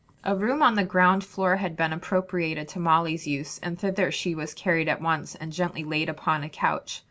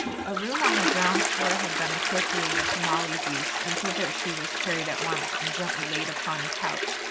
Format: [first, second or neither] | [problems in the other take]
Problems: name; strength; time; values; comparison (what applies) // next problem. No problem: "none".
first | background sound (Toilet flush); 5 dB above the speech